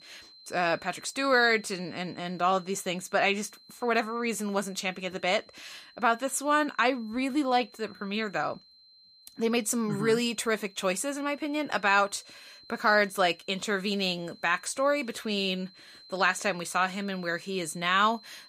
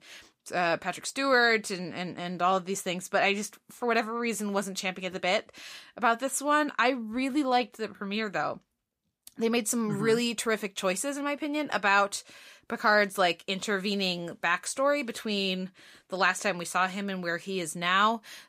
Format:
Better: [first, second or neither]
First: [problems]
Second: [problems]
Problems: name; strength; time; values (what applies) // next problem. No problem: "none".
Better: second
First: high-pitched whine; faint; throughout; 4 kHz, 25 dB below the speech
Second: none